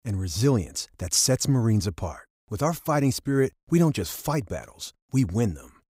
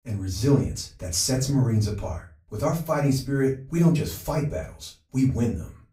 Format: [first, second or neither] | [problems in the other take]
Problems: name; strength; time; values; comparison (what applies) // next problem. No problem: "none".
first | off-mic speech; far // room echo; very slight; dies away in 0.3 s